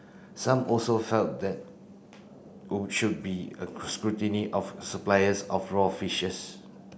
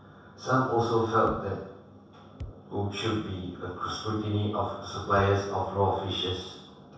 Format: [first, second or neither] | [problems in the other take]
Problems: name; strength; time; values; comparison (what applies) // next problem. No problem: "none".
first | background sound (Bass drum); 13 dB below the speech // room echo; dies away in 0.7 s